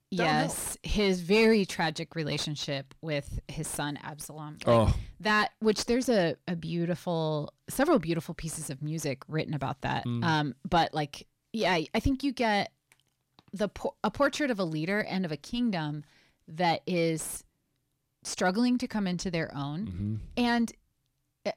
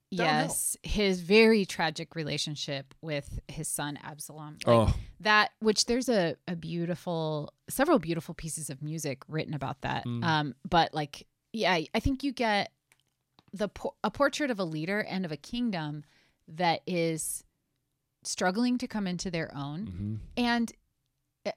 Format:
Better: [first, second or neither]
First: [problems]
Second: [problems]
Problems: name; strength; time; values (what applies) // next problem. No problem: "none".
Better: second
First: distortion; slight; 10 dB below the speech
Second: none